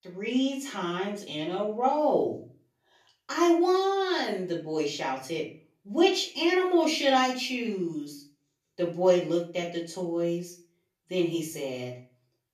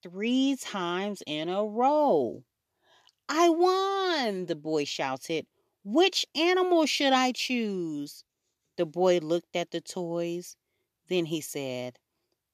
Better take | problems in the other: second | room echo; slight; dies away in 0.4 s // off-mic speech; far

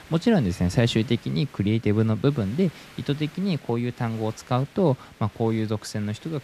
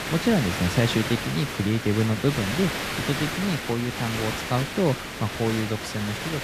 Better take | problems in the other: first | hiss; loud; throughout; 3 dB below the speech; faint in the first

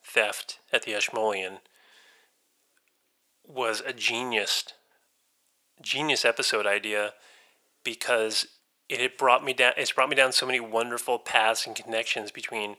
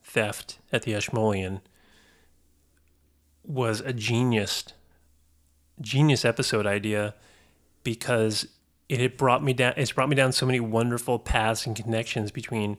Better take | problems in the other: second | thin; very; fading below 600 Hz

